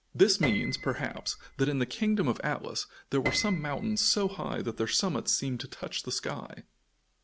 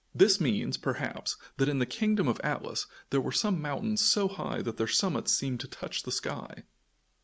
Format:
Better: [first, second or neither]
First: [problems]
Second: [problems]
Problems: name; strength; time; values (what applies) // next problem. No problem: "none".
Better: second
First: background sound (Piano); 10 dB below the speech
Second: none